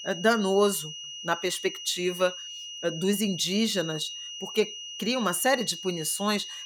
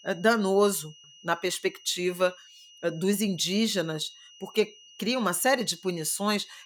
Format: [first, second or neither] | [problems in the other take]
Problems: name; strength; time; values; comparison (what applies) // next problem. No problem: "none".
second | high-pitched whine; loud; throughout; 3 kHz, 9 dB below the speech; faint in the second